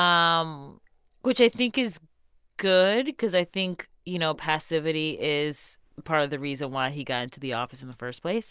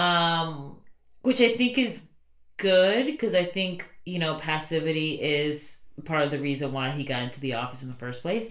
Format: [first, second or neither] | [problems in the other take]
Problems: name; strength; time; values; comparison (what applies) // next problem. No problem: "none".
first | room echo; dies away in 0.3 s